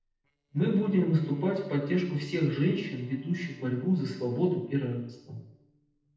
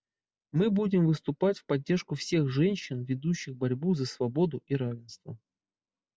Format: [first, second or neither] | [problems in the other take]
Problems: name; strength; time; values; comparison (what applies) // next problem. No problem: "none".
second | noise reduction (neural separator model SepFormer DNS4)